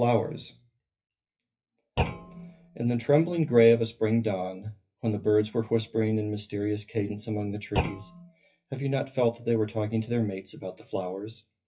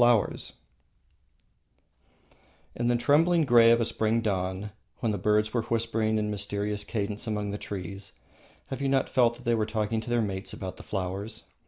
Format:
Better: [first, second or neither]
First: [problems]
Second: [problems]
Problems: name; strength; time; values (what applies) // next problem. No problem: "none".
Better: second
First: noise reduction (classical method WPE with log-MMSE)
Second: none